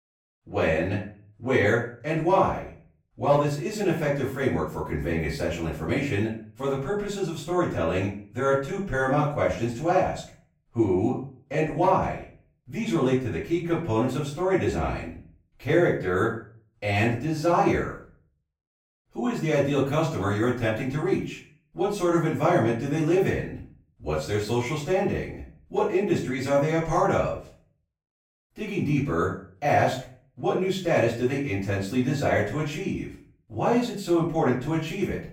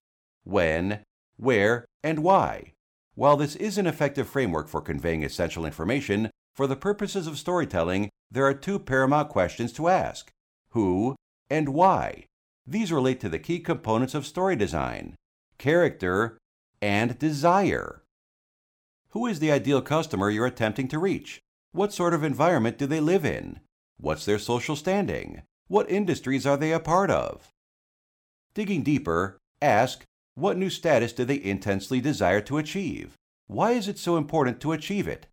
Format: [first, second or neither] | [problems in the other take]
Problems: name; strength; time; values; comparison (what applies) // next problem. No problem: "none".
second | room echo; noticeable; dies away in 0.4 s // off-mic speech; far